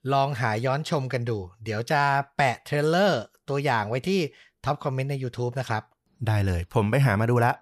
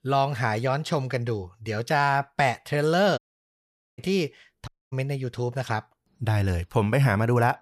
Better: first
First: none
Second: audio cutting out; at 3 s for 1 s and at 4.5 s

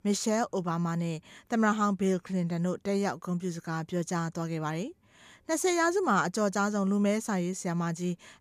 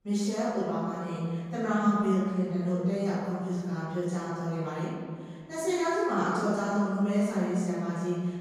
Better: first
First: none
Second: off-mic speech; far // room echo; strong; dies away in 1.9 s

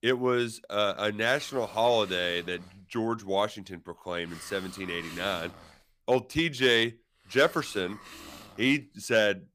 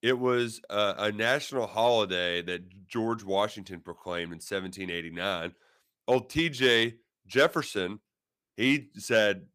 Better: second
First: hiss; noticeable; throughout; 20 dB below the speech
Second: none

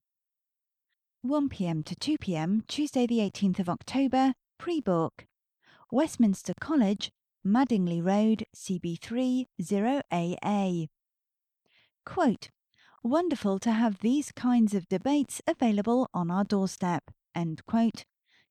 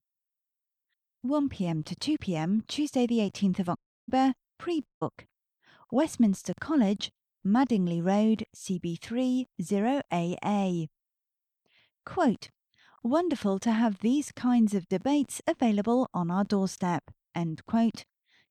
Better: first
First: none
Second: audio cutting out; at 4 s and at 5 s

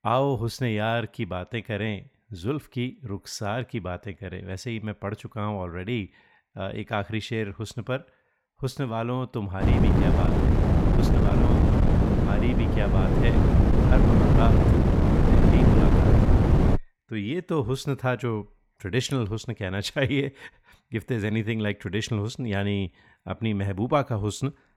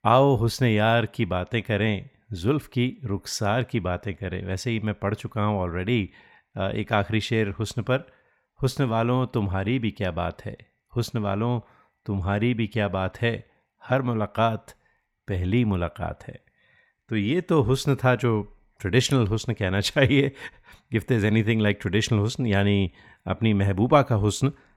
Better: second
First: wind noise on the microphone; heavy; from 9.5 to 17 s; 3 dB above the speech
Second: none

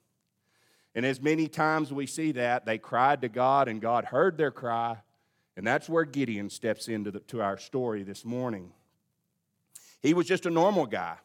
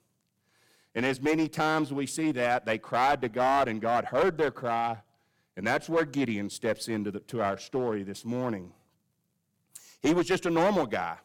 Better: first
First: none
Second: distortion; slight; 6% of the sound clipped

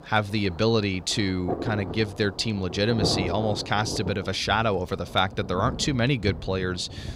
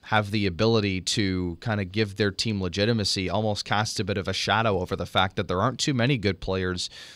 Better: second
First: rain or running water; loud; throughout; 9 dB below the speech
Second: none

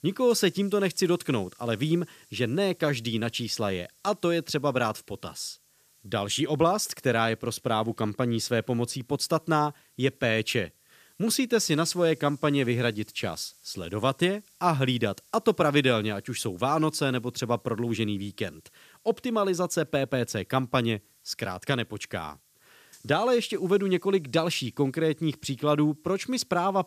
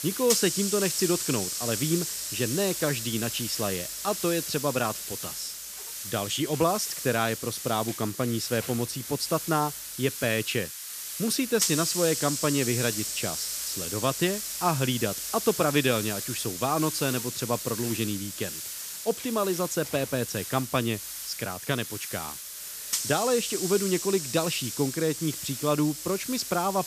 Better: first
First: hiss; faint; throughout; 30 dB below the speech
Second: hiss; loud; throughout; 3 dB below the speech

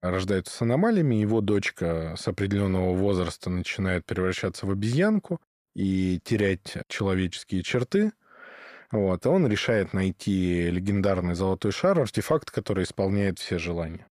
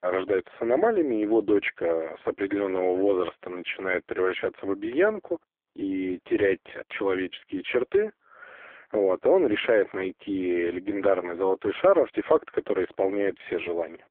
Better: first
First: none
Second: phone-call audio; poor line

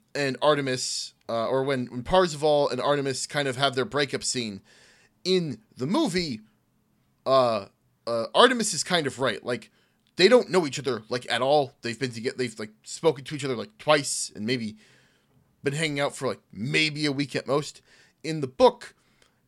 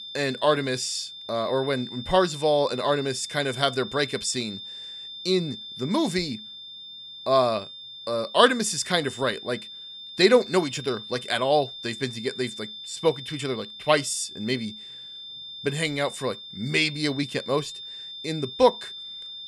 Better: first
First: none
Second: high-pitched whine; noticeable; throughout; 3.5 kHz, 10 dB below the speech

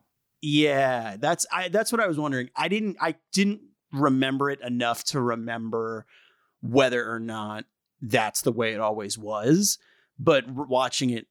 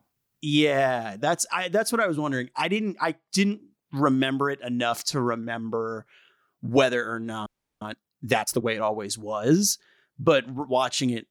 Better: first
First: none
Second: audio freezing; at 7.5 s

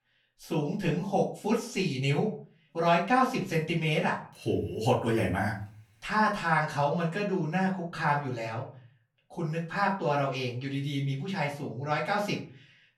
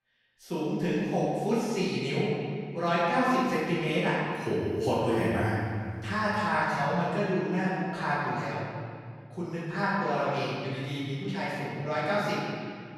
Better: first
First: room echo; slight; dies away in 0.3 s // off-mic speech; far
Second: room echo; strong; dies away in 2.1 s // off-mic speech; far

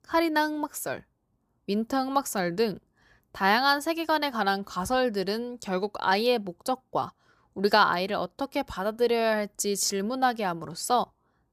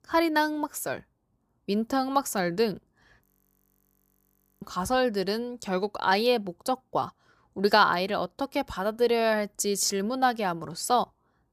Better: first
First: none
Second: audio freezing; at 3.5 s for 1.5 s

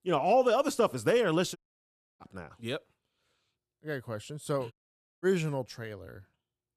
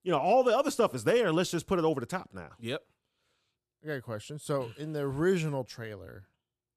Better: second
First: audio cutting out; at 1.5 s for 0.5 s and at 4.5 s for 0.5 s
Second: none

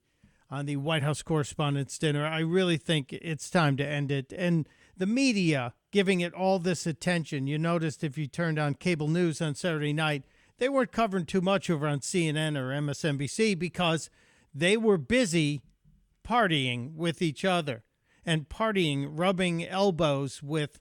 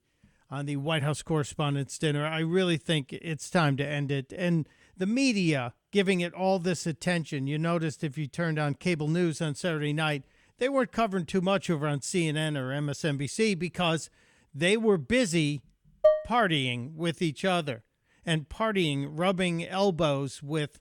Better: first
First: none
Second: clattering dishes; loud; at 16 s; peak 4 dB above the speech

